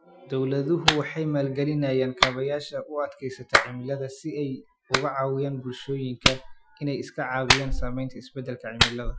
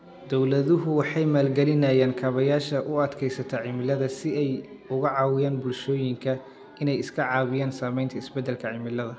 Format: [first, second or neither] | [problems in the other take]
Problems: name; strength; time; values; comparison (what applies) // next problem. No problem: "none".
second | noise reduction (classical method Wiener filter)